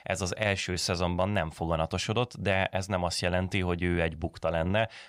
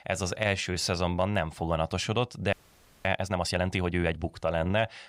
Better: first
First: none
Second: audio freezing; at 2.5 s for 0.5 s

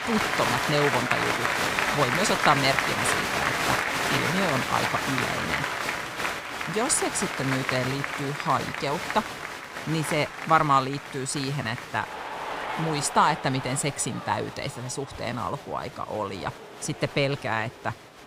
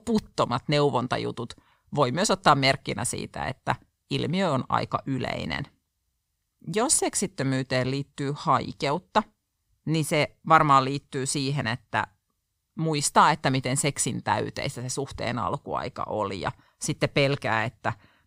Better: second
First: crowd noise; loud; throughout; as loud as the speech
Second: none

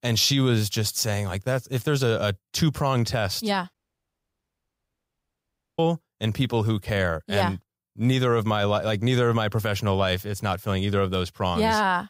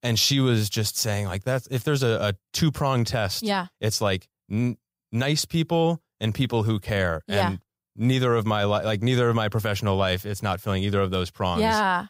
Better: second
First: audio cutting out; at 3.5 s for 2 s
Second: none

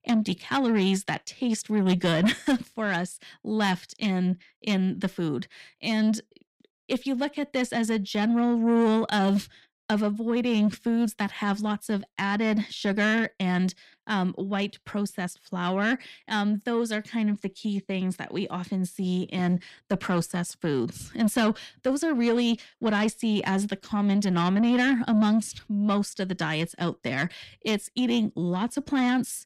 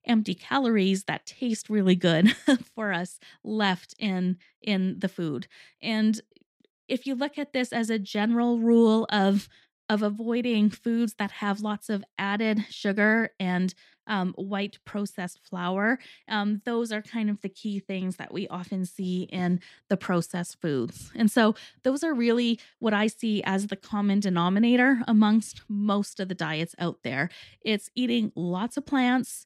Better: second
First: distortion; slight; 10 dB below the speech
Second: none

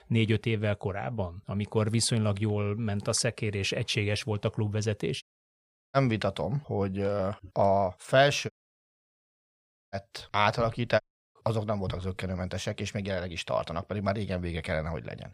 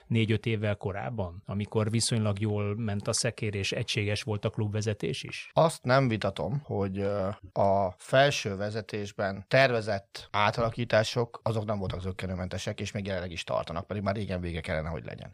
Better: second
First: audio cutting out; at 5 s for 0.5 s, at 8.5 s for 1.5 s and at 11 s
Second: none

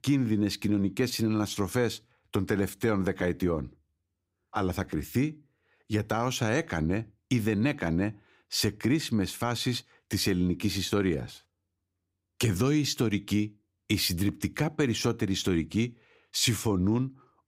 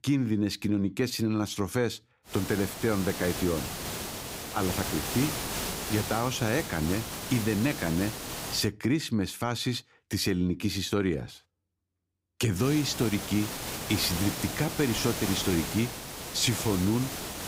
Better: first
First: none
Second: hiss; loud; from 2.5 to 8.5 s and from 13 s on; 5 dB below the speech

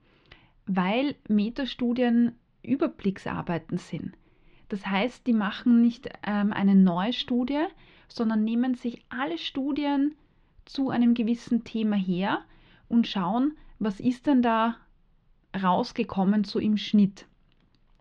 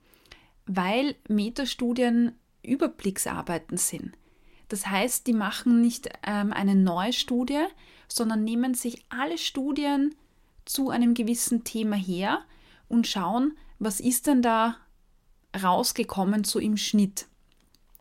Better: second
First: muffled; slightly; fading above 4 kHz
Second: none

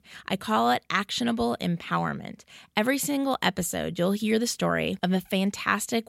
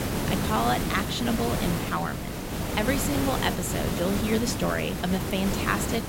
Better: first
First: none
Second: hiss; loud; throughout; 1 dB below the speech

